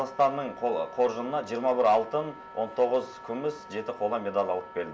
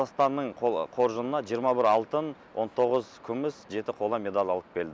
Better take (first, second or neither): second